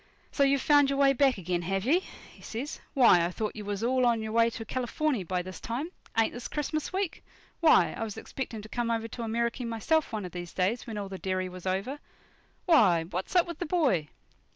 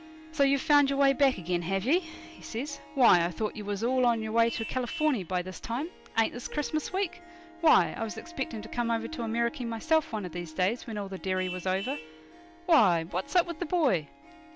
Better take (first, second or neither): first